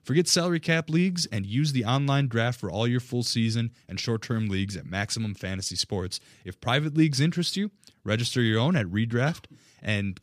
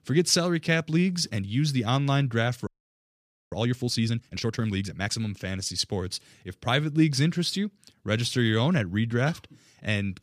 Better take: first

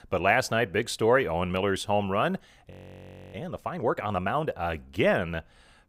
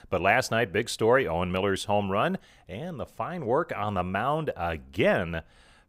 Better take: second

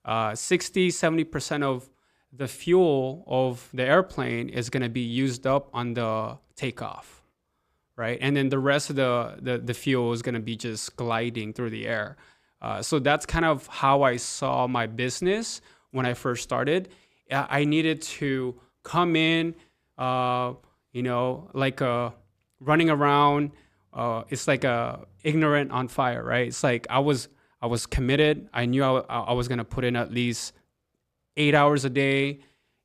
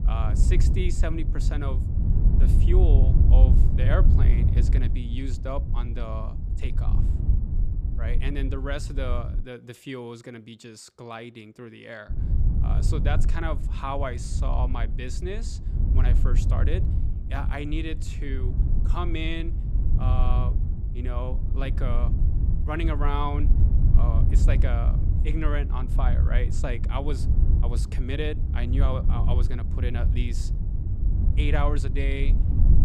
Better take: first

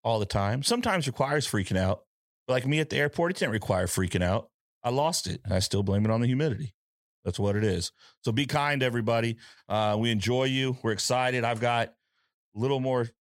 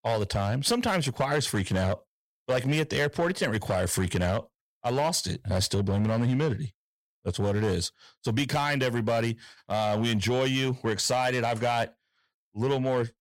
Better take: first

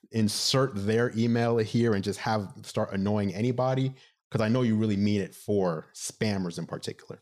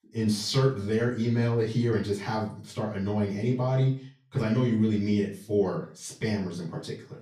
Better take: first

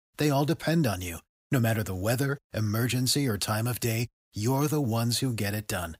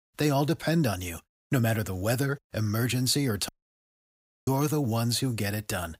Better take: first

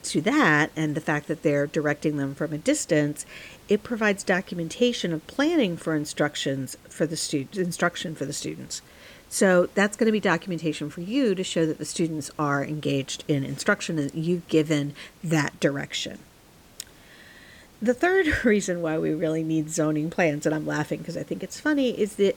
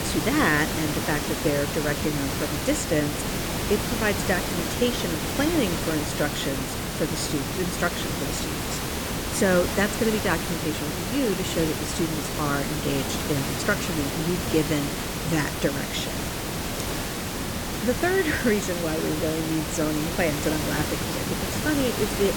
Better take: first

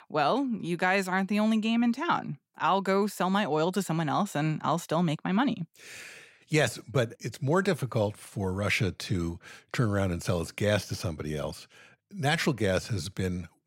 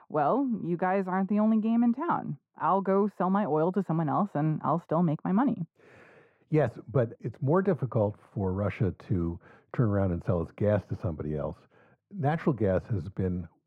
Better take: first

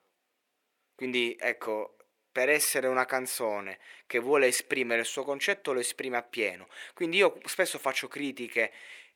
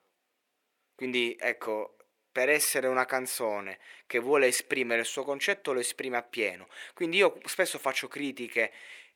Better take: neither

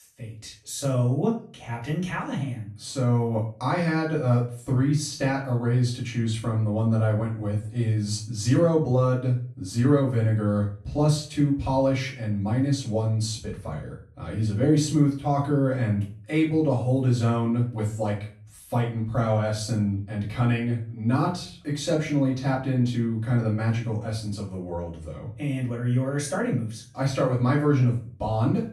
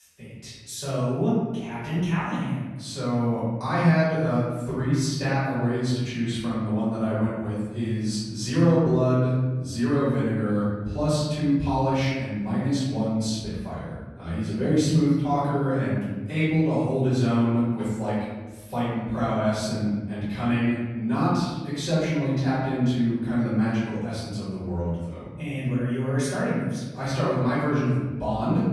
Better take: first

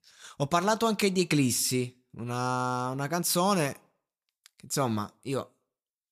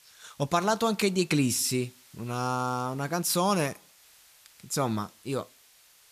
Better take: first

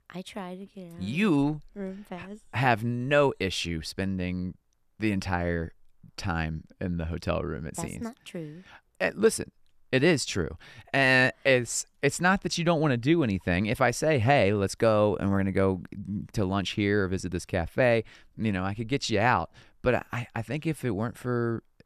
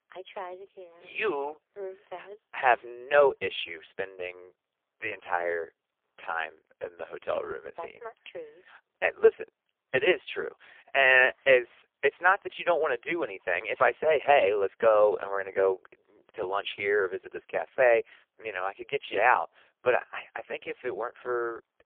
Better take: first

